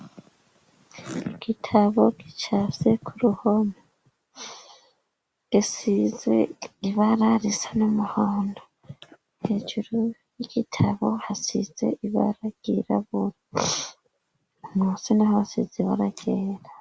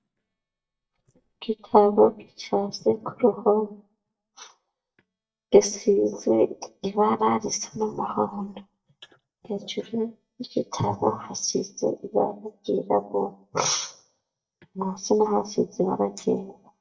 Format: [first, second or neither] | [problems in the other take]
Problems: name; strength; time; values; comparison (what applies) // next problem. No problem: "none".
first | noise reduction (neural mask model DeepFilterNet 3)